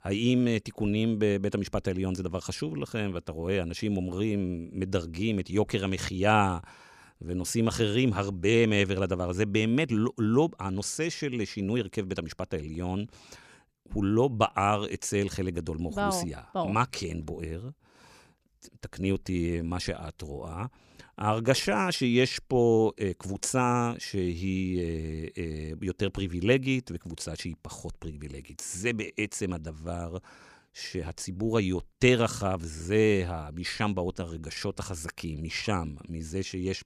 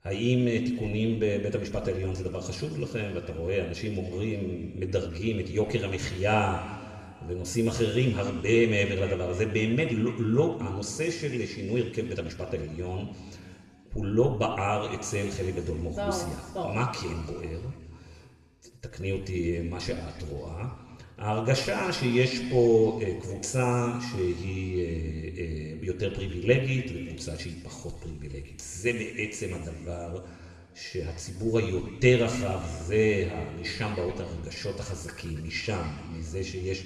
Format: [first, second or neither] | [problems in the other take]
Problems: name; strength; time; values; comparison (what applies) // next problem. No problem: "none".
first | room echo; noticeable; dies away in 1.8 s // off-mic speech; somewhat distant